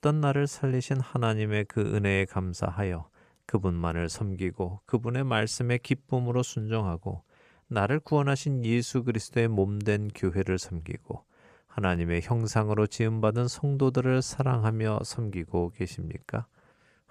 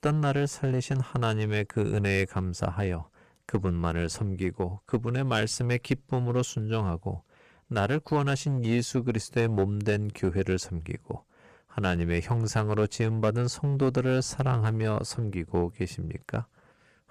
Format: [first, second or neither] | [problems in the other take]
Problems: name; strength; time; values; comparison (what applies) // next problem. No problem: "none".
first | distortion; slight; 6% of the sound clipped